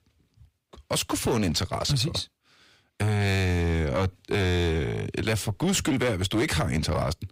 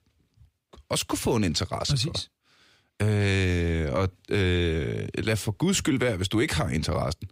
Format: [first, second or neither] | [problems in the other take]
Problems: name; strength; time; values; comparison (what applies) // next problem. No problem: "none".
second | distortion; slight; 10% of the sound clipped